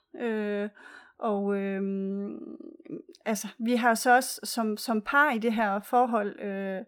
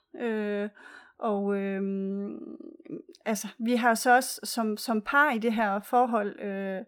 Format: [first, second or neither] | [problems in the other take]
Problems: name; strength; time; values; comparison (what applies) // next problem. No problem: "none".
neither | none